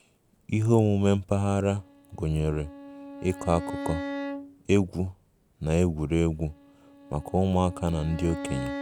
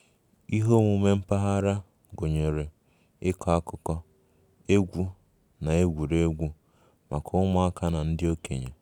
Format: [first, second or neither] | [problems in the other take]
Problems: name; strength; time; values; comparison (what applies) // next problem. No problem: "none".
second | background sound (Bowed string instrument); 13 dB below the speech